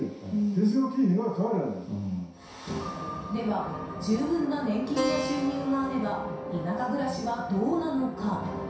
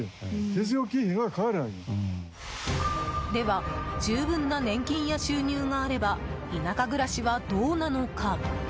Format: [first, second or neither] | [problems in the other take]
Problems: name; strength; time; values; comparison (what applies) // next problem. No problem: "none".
second | background sound (Keyboard (musical)); 11 dB below the speech // room echo; dies away in 0.7 s